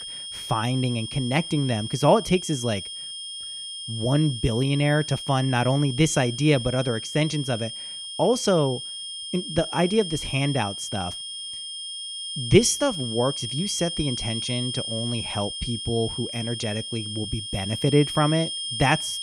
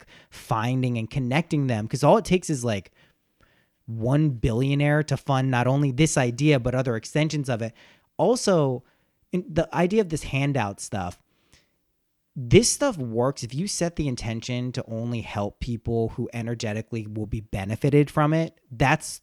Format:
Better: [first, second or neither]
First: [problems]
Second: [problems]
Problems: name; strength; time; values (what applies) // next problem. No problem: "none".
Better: second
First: high-pitched whine; loud; throughout; 3 kHz, 6 dB below the speech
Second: none